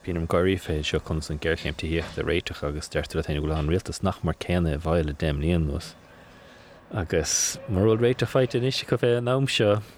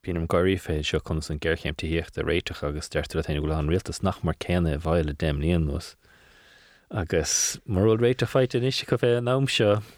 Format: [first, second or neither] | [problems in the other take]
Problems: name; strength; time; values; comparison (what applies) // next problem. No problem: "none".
second | train or aircraft noise; faint; throughout; 20 dB below the speech